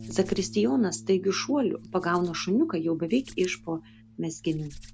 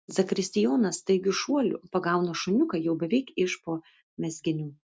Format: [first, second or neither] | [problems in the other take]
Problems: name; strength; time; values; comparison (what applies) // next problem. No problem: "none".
second | background sound (Hands + Bass guitar); 18 dB below the speech